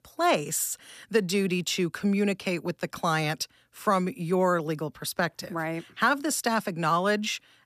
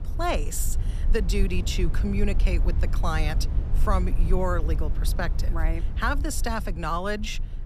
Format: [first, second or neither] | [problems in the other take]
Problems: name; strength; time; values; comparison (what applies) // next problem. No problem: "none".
first | low rumble; noticeable; throughout; 15 dB below the speech